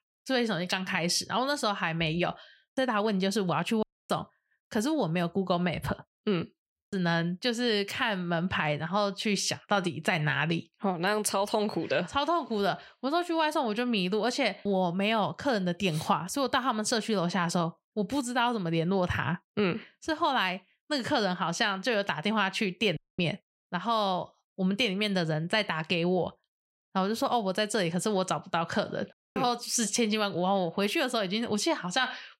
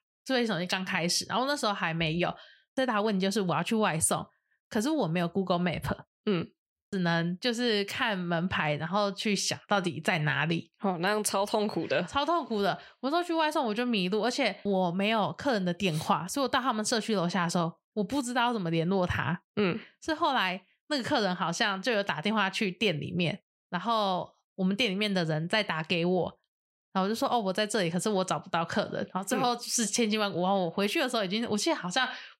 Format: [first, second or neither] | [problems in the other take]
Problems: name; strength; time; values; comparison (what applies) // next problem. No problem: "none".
second | audio cutting out; at 4 s, at 23 s and at 29 s